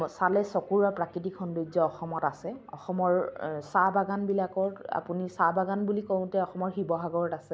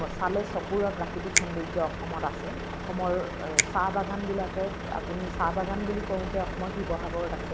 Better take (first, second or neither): first